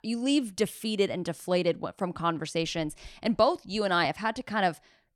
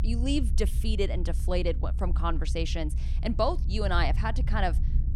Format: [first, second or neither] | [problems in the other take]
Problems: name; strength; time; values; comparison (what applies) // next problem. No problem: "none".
first | low rumble; noticeable; throughout; 15 dB below the speech